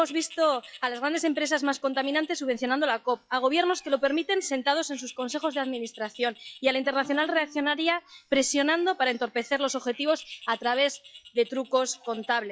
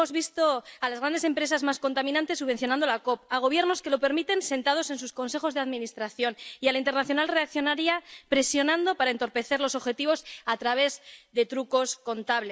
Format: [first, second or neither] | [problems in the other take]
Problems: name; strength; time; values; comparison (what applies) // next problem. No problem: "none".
second | noise reduction (classical method log-MMSE)